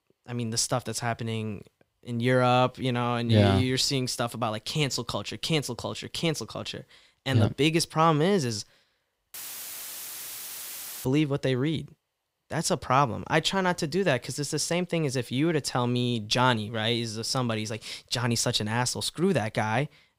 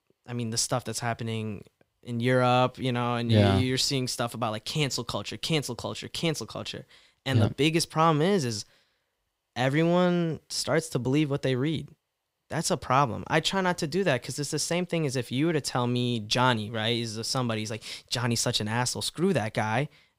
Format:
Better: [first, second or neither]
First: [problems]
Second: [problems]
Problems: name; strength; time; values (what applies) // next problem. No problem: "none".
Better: second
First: audio cutting out; filled with static; at 9.5 s for 1.5 s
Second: none